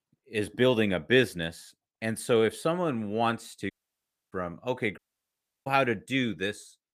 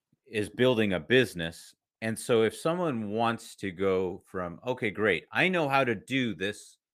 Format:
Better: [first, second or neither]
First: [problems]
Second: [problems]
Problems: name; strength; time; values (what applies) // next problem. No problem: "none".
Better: second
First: audio cutting out; at 3.5 s for 0.5 s and at 5 s for 0.5 s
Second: none